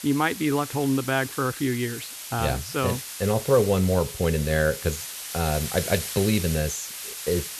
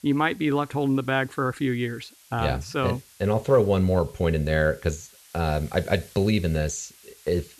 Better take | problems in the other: second | hiss; loud; throughout; 8 dB below the speech; faint in the second

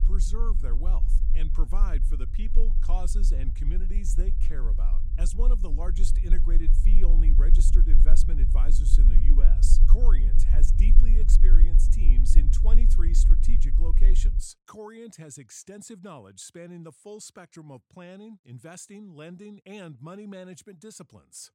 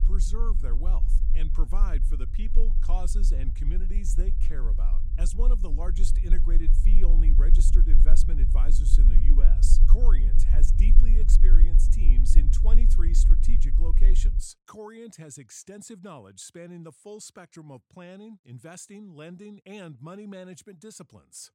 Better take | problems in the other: neither | low rumble; loud; until 14 s; 5 dB below the speech; the same in both

